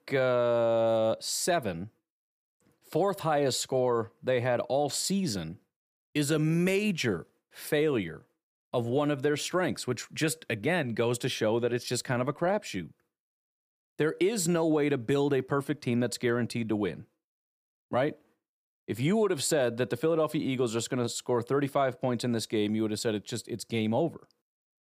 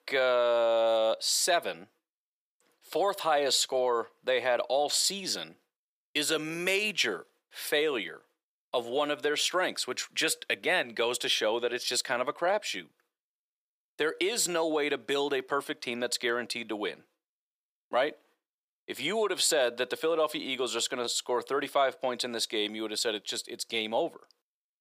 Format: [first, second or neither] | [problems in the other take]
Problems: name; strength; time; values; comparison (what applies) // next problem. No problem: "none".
first | thin; somewhat; fading below 500 Hz